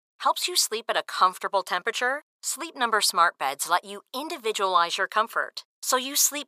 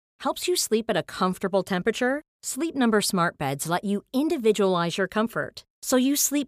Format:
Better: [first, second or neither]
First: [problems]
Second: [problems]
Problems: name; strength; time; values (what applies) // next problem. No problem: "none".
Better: second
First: thin; very; fading below 750 Hz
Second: none